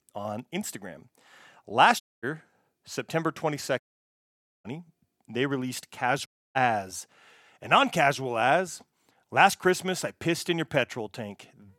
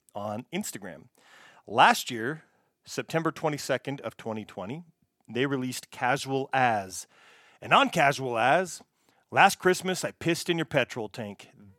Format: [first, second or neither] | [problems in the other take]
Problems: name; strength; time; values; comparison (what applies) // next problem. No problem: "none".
second | audio cutting out; at 2 s, at 4 s for 1 s and at 6.5 s